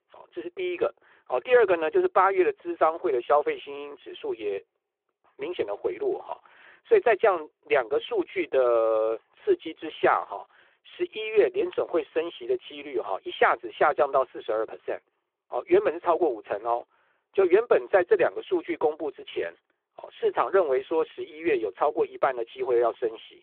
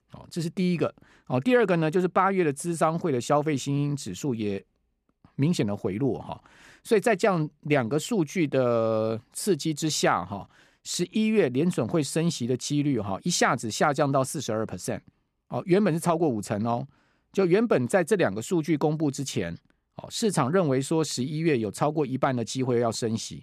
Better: second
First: phone-call audio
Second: none

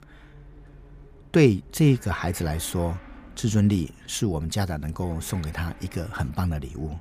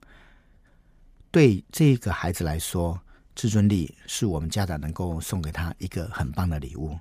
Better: second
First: traffic noise; faint; throughout; 20 dB below the speech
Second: none

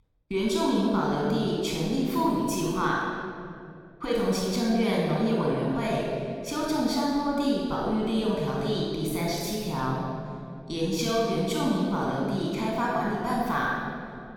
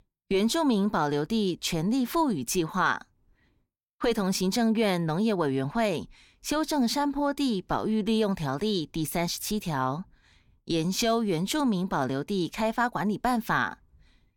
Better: second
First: room echo; strong; dies away in 2.5 s // off-mic speech; far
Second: none

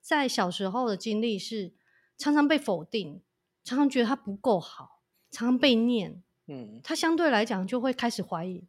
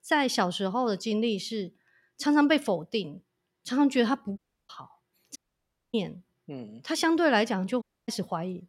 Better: first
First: none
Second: audio cutting out; at 4.5 s, at 5.5 s for 0.5 s and at 8 s

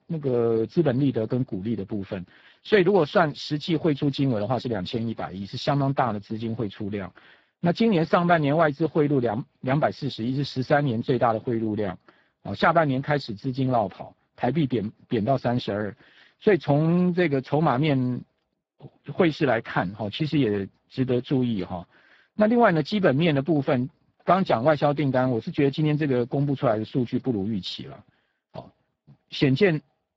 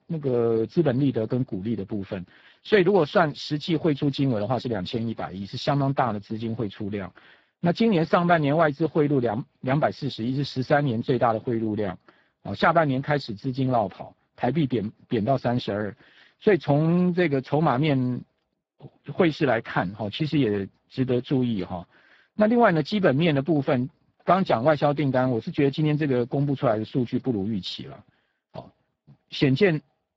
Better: neither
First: garbled, watery; badly; nothing above 7.5 kHz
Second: garbled, watery; badly; nothing above 7.5 kHz

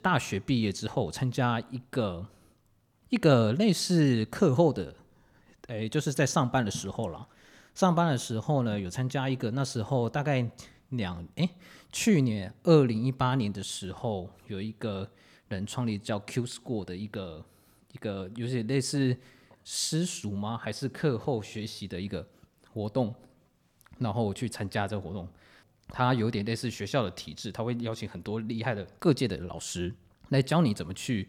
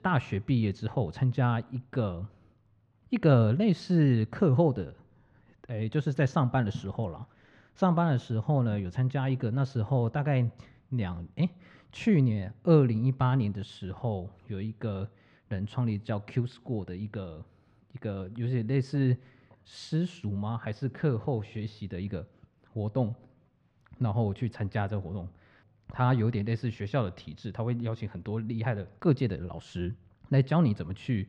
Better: first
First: none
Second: muffled; slightly; fading above 2.5 kHz

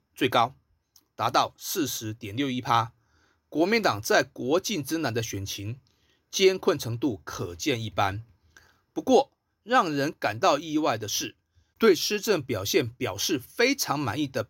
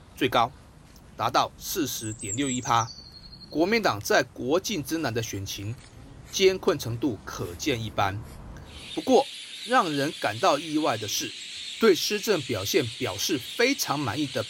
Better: first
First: none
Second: animal sounds; noticeable; throughout; 10 dB below the speech

